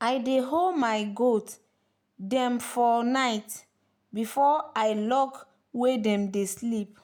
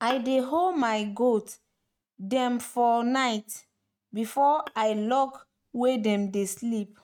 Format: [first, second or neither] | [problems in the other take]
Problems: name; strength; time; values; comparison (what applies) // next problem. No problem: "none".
first | noise reduction (neural mask model RNNoise)